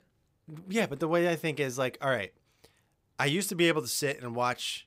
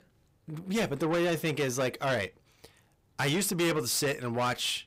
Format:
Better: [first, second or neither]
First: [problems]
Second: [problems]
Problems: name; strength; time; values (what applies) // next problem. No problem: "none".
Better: first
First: none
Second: distortion; heavy; 7 dB below the speech